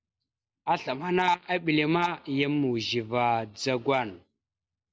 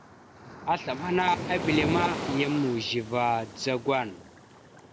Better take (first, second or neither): first